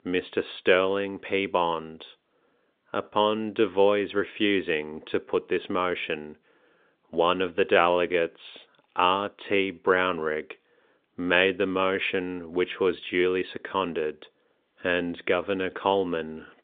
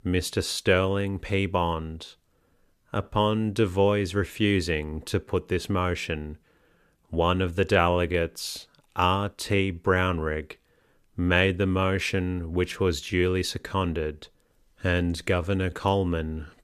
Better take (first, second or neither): second